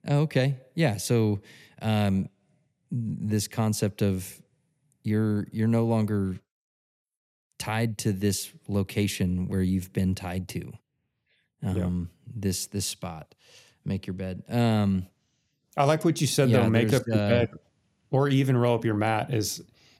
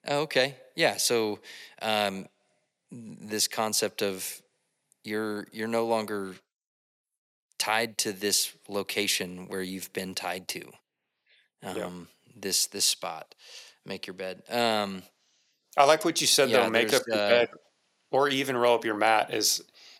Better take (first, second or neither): first